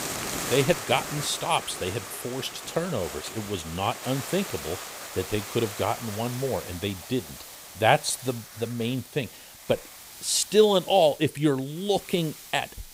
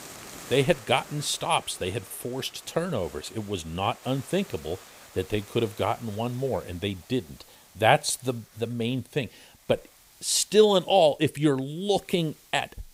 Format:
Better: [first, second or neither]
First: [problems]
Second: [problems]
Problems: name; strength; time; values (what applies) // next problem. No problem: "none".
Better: second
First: hiss; loud; throughout; 10 dB below the speech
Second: hiss; faint; throughout; 20 dB below the speech